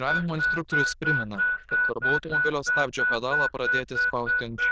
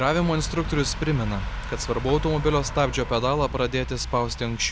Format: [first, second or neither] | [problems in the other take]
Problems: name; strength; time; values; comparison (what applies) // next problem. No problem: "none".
second | noise reduction (neural diffusion model UNIVERSE++)